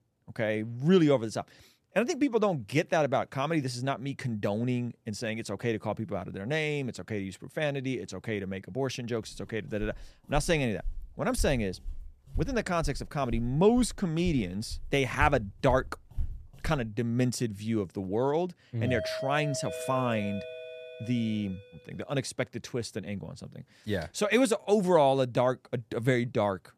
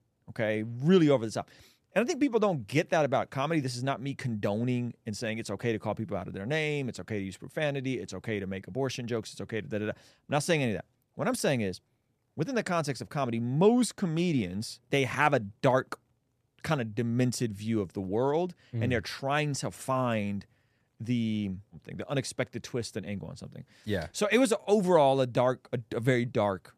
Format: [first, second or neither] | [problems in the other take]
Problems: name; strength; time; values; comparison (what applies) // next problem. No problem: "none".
second | footsteps; noticeable; from 10 to 17 s; peak 8 dB below the speech // doorbell; noticeable; from 19 to 21 s; peak 5 dB below the speech